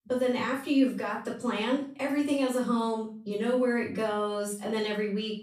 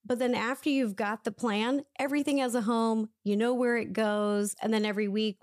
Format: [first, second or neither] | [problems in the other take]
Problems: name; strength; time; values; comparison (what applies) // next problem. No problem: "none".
second | off-mic speech; far // room echo; slight; dies away in 0.4 s